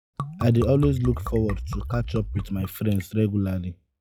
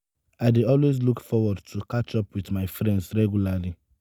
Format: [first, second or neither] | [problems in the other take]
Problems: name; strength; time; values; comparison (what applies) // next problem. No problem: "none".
second | noise reduction (classical method log-MMSE)